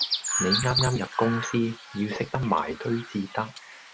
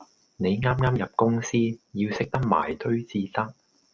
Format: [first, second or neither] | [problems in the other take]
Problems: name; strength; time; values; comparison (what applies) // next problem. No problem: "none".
second | background sound (Chirp, tweet); 5 dB below the speech